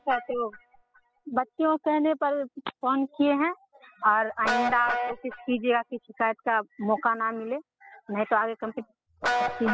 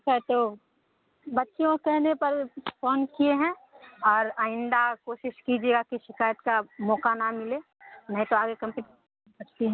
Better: second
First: noise reduction (classical method spectral subtraction)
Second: none

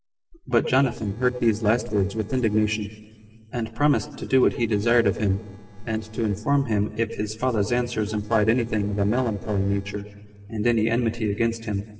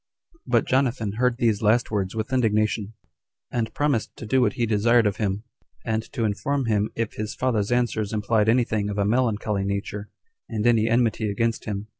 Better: second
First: noise reduction (neural separator model SepFormer DNS4)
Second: none

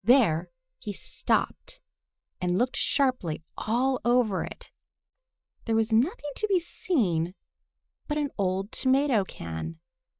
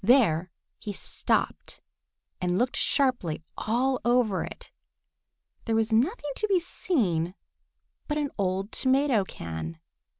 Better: second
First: noise reduction (neural mask model DeepFilterNet 3)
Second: none

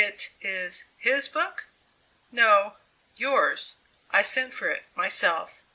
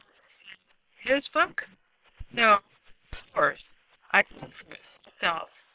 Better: first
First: none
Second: noise reduction (neural separator model SepFormer WHAM!)

